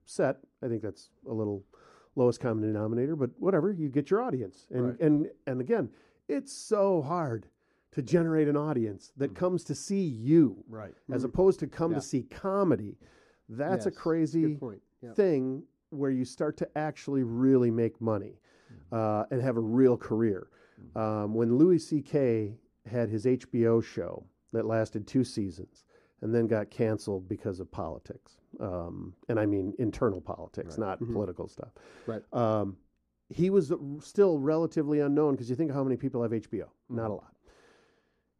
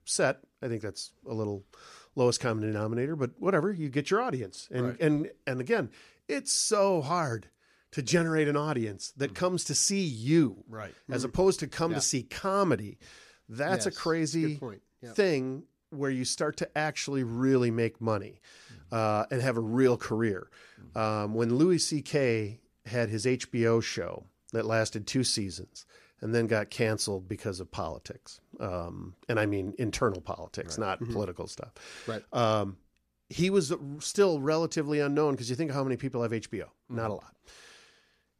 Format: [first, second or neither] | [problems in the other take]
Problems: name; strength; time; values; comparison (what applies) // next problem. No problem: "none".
second | muffled; slightly; fading above 1.5 kHz